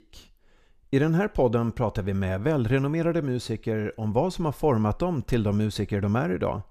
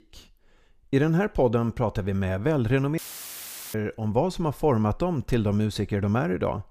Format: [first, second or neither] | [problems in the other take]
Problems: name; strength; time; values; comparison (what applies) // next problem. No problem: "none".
first | audio cutting out; filled with static; at 3 s for 1 s